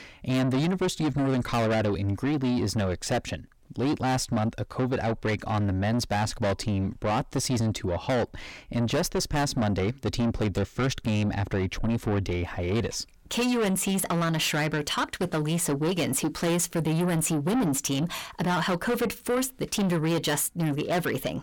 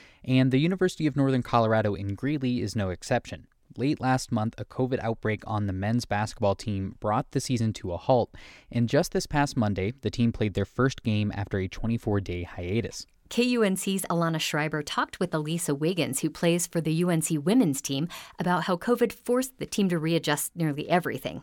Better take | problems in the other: second | distortion; heavy; 7 dB below the speech

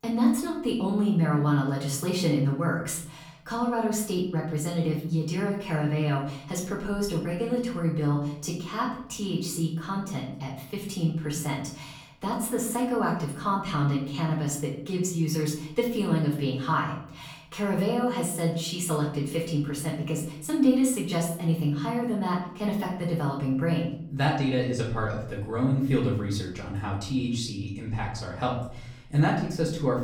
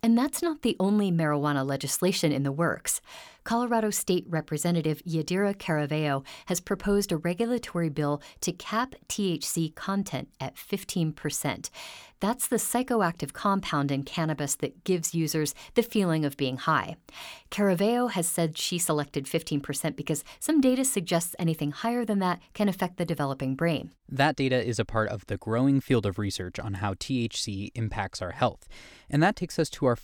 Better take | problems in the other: second | room echo; noticeable; dies away in 0.8 s // off-mic speech; far

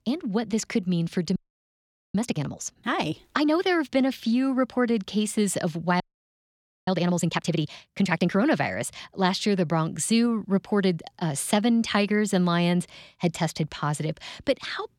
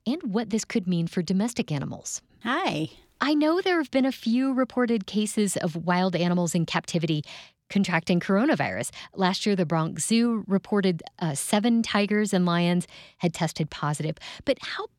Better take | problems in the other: second | audio freezing; at 1.5 s for 1 s and at 6 s for 1 s

